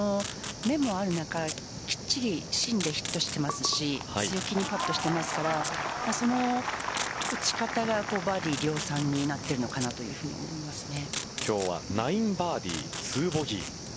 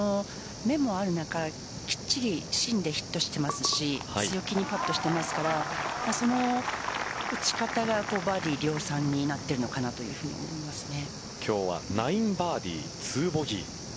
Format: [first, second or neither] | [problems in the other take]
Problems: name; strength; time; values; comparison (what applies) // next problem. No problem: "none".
second | background sound (Packing tape, duct tape); 12 dB below the speech